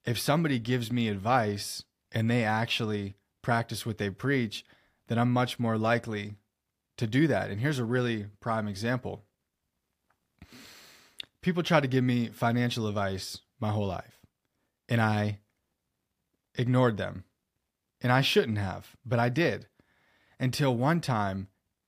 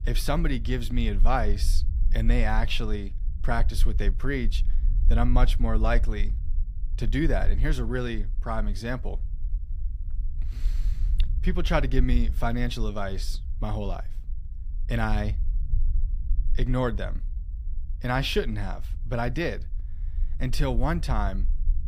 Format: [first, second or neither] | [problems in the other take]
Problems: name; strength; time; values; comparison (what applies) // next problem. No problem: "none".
first | low rumble; faint; throughout; 20 dB below the speech